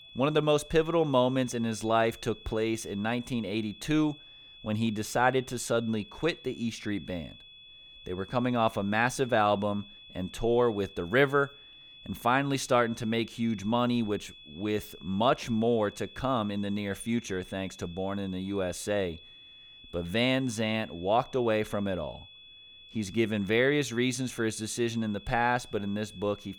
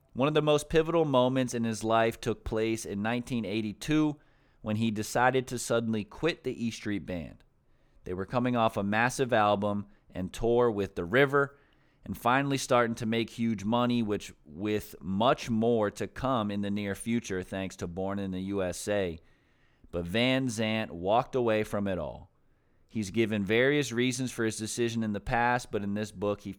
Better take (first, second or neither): second